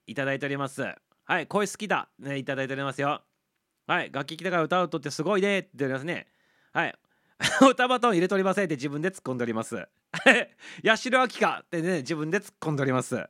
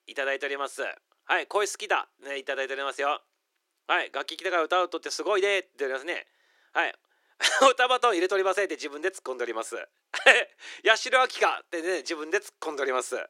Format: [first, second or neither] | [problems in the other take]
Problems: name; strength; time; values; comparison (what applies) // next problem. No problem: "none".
first | thin; very; fading below 350 Hz